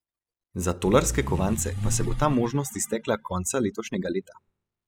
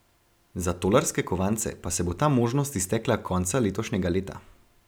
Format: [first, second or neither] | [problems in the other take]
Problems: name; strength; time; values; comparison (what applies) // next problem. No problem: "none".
second | noise reduction (classical method spectral subtraction)